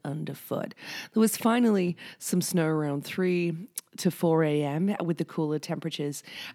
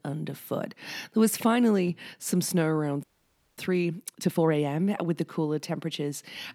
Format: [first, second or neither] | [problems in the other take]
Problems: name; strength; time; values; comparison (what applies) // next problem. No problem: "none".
first | audio freezing; at 3 s for 0.5 s